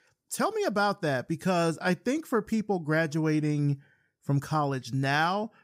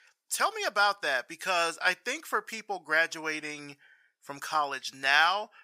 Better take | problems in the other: first | thin; very; fading below 850 Hz

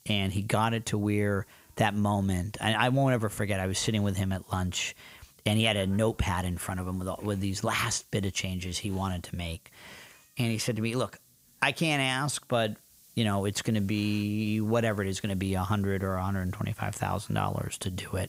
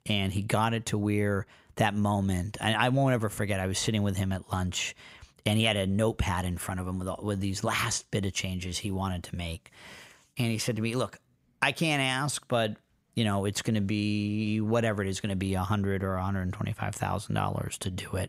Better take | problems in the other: second | hiss; faint; throughout; 25 dB below the speech

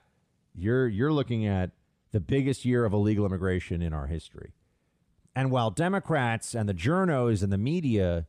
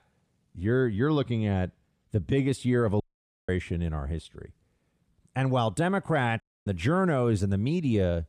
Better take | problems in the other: first | audio cutting out; at 3 s and at 6.5 s

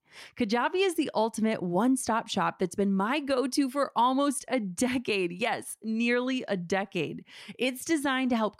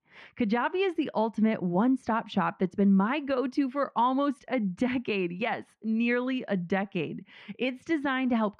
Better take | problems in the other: first | muffled; slightly; fading above 2.5 kHz

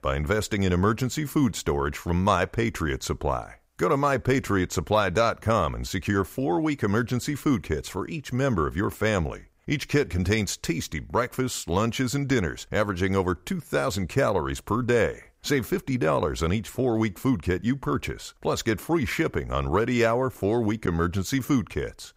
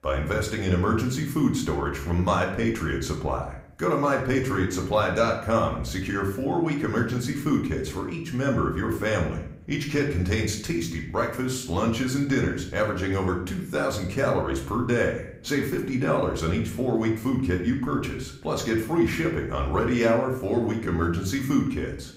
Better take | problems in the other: first | room echo; slight; dies away in 0.6 s // off-mic speech; somewhat distant

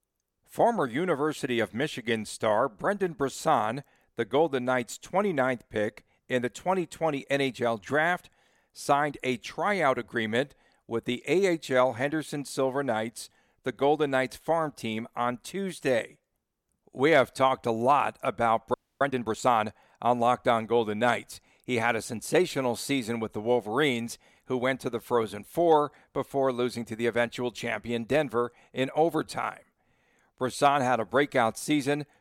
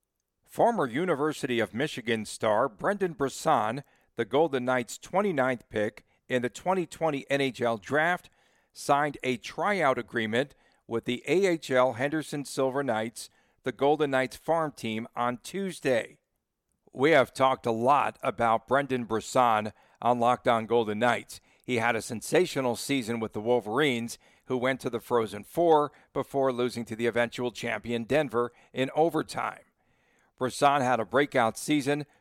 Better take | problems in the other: second | audio freezing; at 19 s

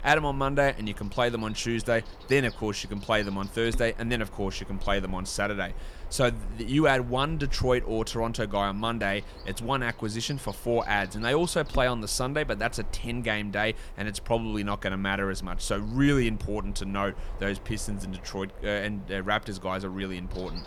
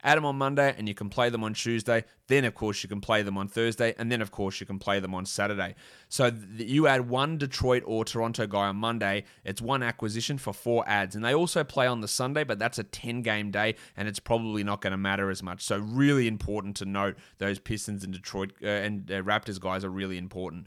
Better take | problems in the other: second | animal sounds; noticeable; throughout; 15 dB below the speech

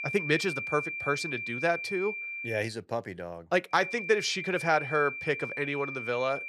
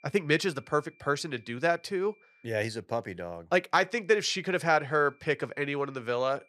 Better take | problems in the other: second | high-pitched whine; loud; until 2.5 s and from 4 s on; 2.5 kHz, 5 dB below the speech; faint in the second

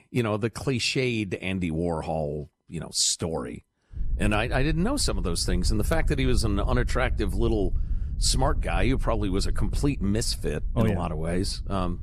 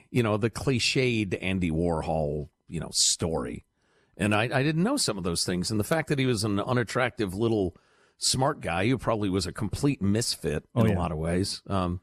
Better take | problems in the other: second | wind noise on the microphone; occasional gusts; from 4 s on; 20 dB below the speech

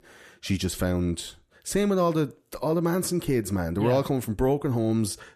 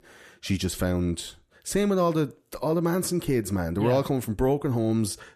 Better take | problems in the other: neither | none

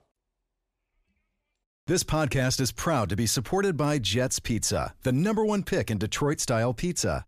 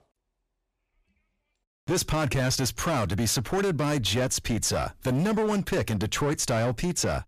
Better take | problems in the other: first | distortion; slight; 17% of the sound clipped

